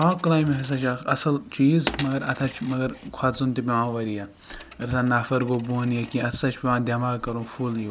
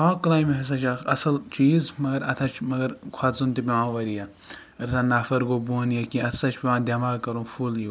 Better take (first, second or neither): second